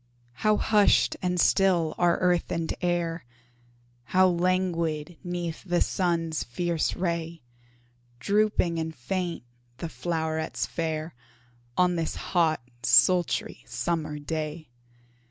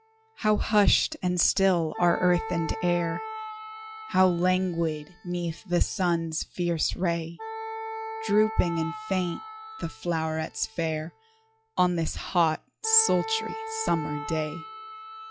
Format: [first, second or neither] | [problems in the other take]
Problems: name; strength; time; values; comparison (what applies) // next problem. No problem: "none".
first | noise reduction (classical method log-MMSE)